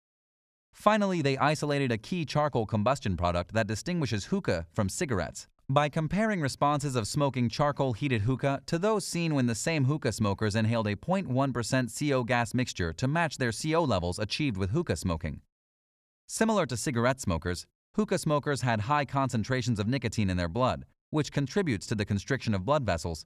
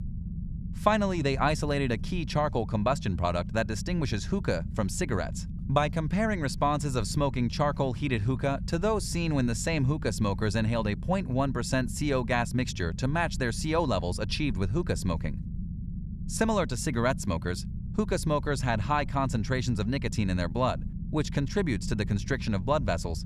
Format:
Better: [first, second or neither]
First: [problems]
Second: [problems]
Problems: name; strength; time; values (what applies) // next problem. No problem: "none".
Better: first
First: none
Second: low rumble; noticeable; throughout; 20 dB below the speech